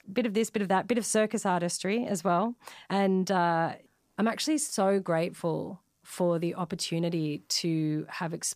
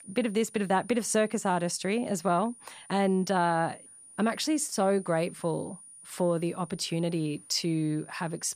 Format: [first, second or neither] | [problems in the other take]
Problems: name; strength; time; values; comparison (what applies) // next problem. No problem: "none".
first | high-pitched whine; noticeable; throughout; 9.5 kHz, 20 dB below the speech